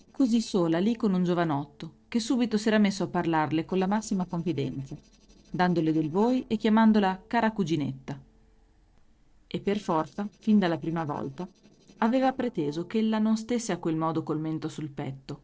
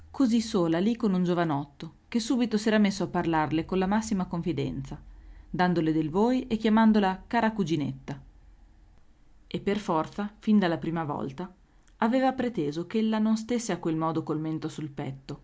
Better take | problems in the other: second | noise reduction (neural separator model SepFormer DNS4)

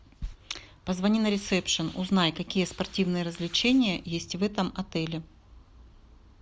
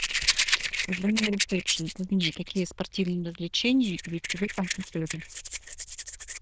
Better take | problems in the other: first | noise reduction (neural diffusion model UNIVERSE++)

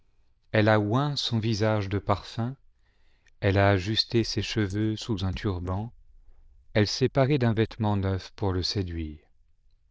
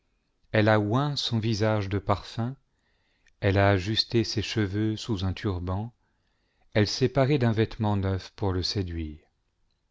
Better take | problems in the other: second | noise reduction (neural diffusion model UNIVERSE++)

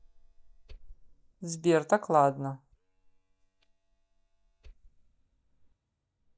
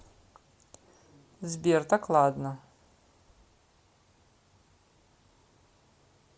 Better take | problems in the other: second | noise reduction (neural mask model DeepFilterNet 3)

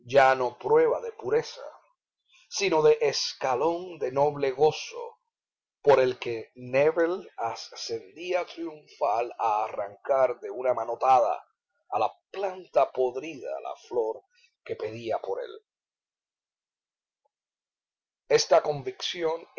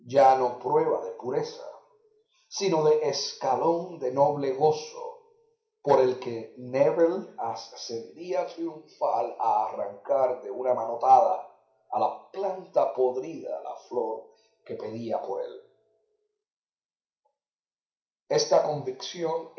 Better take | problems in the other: first | room echo; dies away in 0.5 s

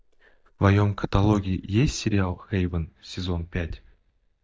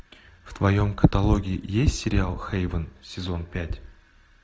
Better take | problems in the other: second | noise reduction (neural mask model DeepFilterNet 3)

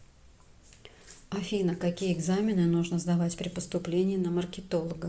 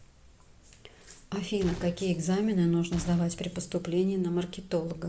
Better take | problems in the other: first | background sound (Gunshot, gunfire); 14 dB below the speech

